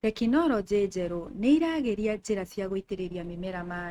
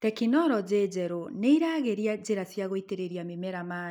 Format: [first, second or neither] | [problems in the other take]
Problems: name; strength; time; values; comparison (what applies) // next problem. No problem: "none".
second | noise reduction (neural mask model RNNoise)